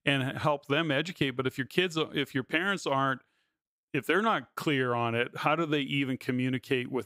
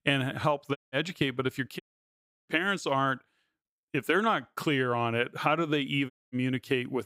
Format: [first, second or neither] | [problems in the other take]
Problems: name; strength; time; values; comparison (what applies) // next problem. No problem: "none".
first | audio cutting out; at 1 s, at 2 s for 0.5 s and at 6 s